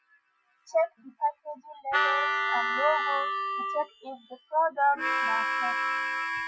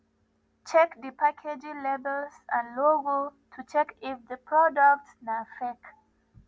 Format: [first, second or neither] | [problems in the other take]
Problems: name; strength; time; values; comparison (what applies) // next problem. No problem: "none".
second | noise reduction (classical method Wiener filter)